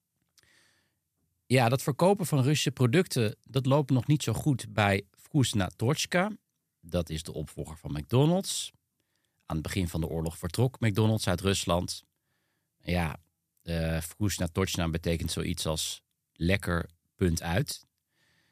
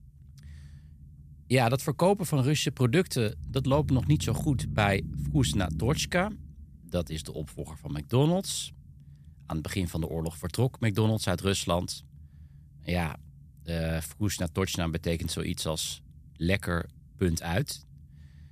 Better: first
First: none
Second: low rumble; noticeable; throughout; 20 dB below the speech

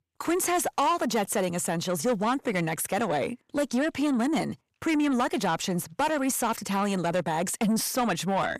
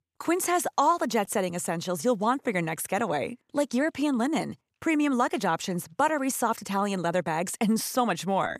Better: second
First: distortion; slight; 10 dB below the speech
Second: none

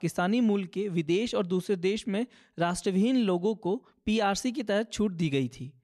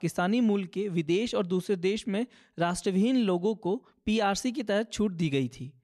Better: neither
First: none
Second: none

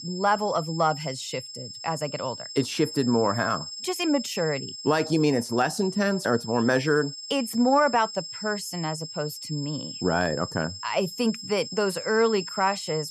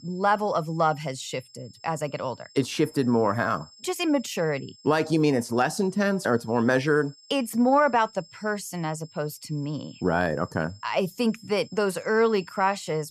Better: second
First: high-pitched whine; loud; throughout; 5 kHz, 9 dB below the speech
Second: high-pitched whine; faint; throughout; 5 kHz, 25 dB below the speech

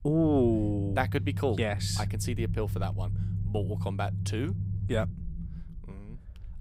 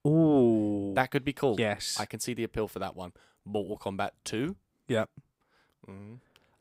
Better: second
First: low rumble; noticeable; throughout; 15 dB below the speech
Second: none

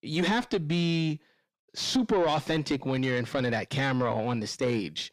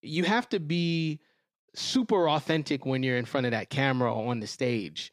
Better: second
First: distortion; slight; 9 dB below the speech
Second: none

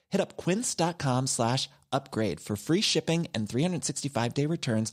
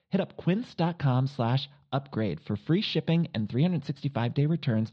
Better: first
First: none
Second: muffled; slightly; fading above 4 kHz

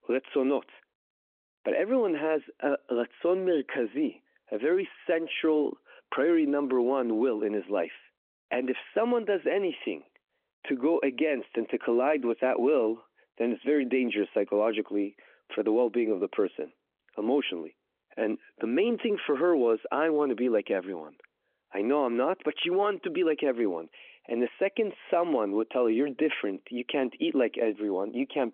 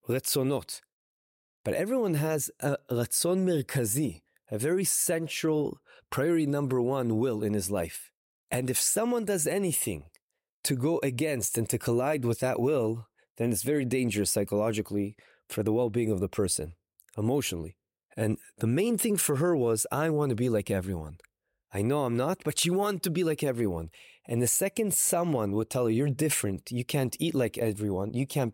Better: second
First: phone-call audio; nothing above 3.5 kHz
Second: none

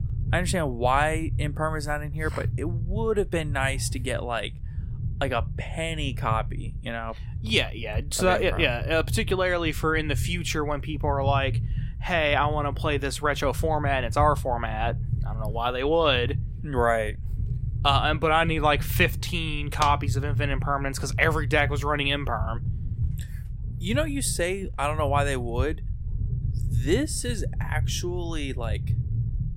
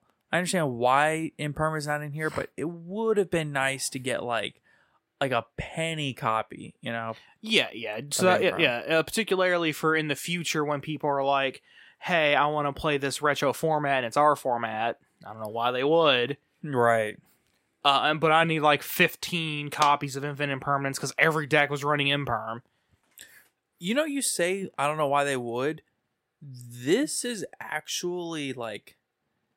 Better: second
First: low rumble; noticeable; throughout; 20 dB below the speech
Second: none

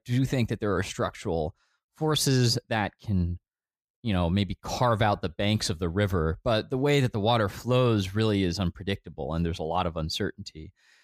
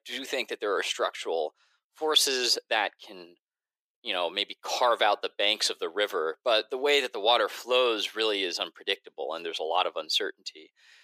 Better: first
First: none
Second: thin; very; fading below 400 Hz

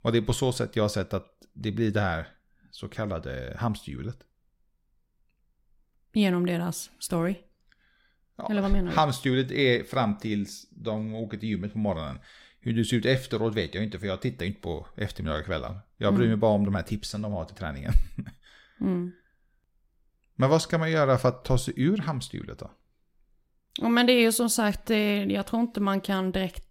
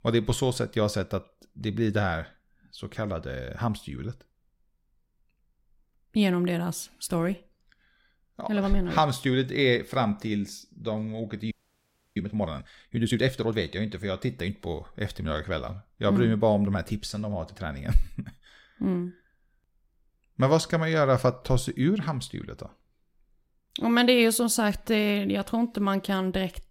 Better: first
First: none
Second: audio freezing; at 12 s for 0.5 s

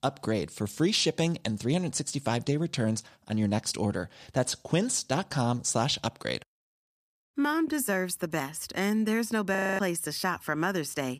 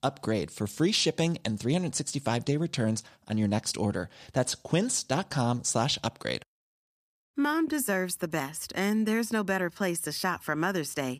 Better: second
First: audio freezing; at 9.5 s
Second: none

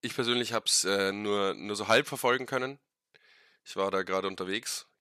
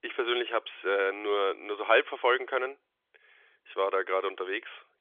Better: first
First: none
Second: phone-call audio; nothing above 3.5 kHz

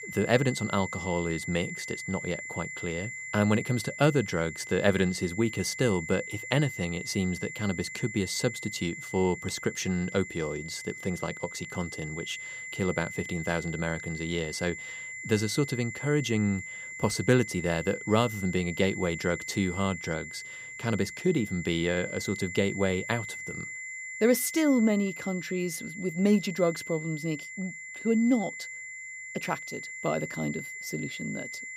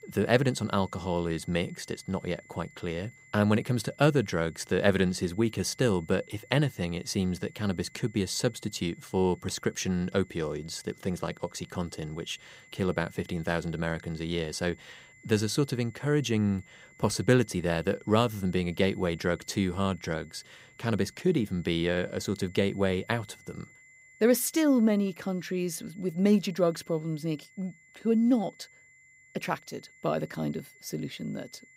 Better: second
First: high-pitched whine; loud; throughout; 2 kHz, 8 dB below the speech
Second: high-pitched whine; faint; throughout; 2 kHz, 25 dB below the speech

